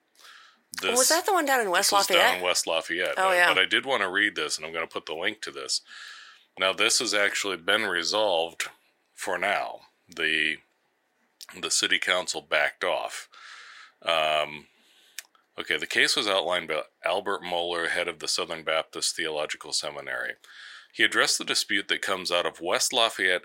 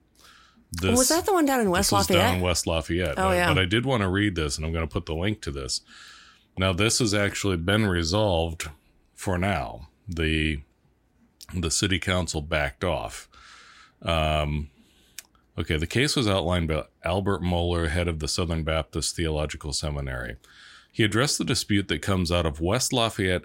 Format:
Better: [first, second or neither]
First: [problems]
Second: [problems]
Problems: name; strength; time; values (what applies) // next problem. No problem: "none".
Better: second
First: thin; very; fading below 550 Hz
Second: none